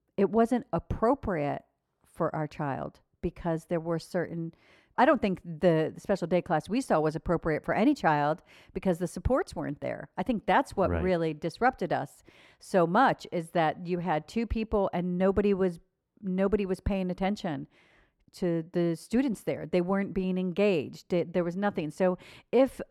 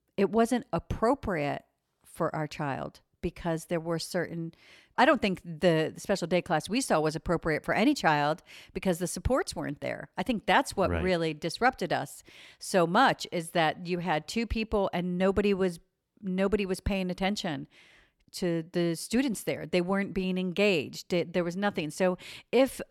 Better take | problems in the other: second | muffled; slightly; fading above 2 kHz

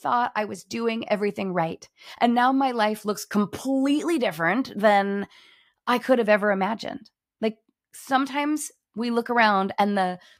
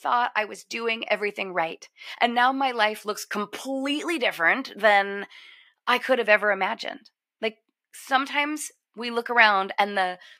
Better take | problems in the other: first | thin; somewhat; fading below 350 Hz

